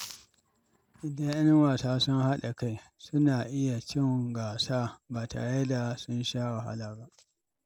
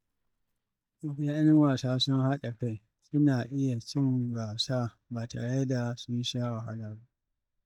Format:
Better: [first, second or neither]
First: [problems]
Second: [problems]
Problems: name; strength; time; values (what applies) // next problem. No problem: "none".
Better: first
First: none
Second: noise reduction (neural mask model DeepFilterNet 3)